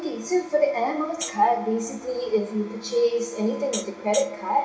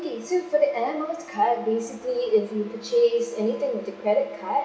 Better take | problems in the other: second | background sound (Hi-hat); 10 dB below the speech // room echo; dies away in 0.4 s

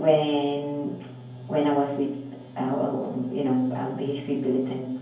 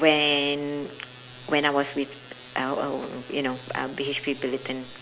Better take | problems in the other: second | room echo; dies away in 0.9 s

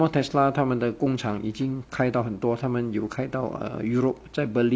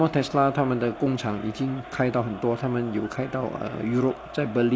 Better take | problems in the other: first | background sound (Crowd); 16 dB below the speech

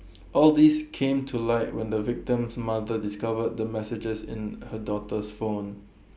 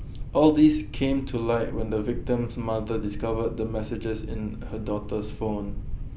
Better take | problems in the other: first | background sound (Boat, Water vehicle); 8 dB below the speech

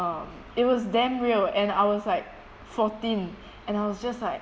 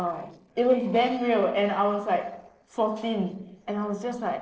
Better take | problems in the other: first | noise reduction (neural separator model SepFormer DNS4)

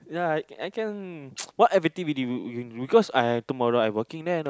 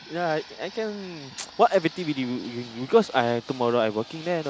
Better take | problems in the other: first | background sound (Fixed-wing aircraft, airplane); 19 dB below the speech

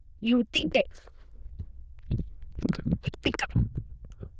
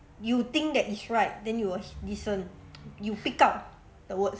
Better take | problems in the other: second | noise reduction (neural diffusion model UNIVERSE++)

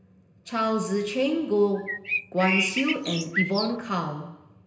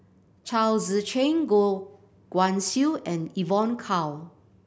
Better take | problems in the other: second | background sound (Bird); 3 dB below the speech // room echo; dies away in 0.9 s

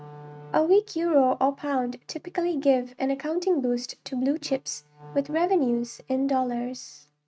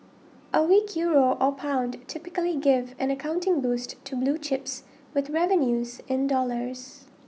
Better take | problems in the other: second | noise reduction (neural mask model RNNoise)

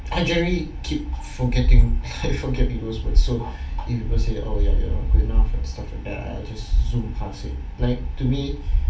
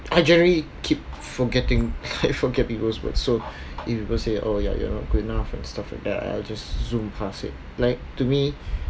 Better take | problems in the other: second | room echo; dies away in 0.3 s

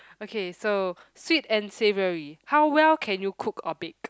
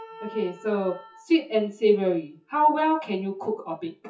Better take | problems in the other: first | noise reduction (classical method WPE with log-MMSE)

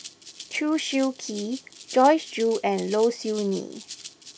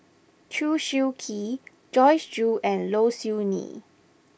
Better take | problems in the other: second | background sound (Rattle (instrument)); 17 dB below the speech

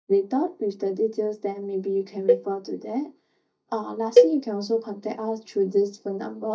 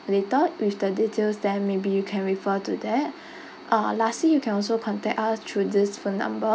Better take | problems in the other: second | noise reduction (neural mask model DeepFilterNet 3)

